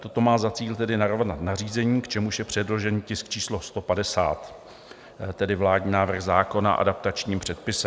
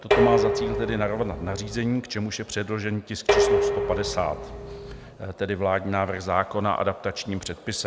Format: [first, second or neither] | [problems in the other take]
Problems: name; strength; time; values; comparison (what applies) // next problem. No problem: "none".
first | background sound (Dishes, pots, and pans); 1 dB above the speech